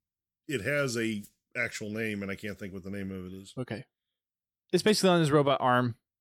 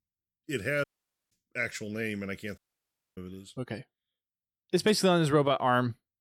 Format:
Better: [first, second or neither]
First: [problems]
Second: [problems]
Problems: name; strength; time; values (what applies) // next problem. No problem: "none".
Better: first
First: none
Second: audio cutting out; at 1 s and at 2.5 s for 0.5 s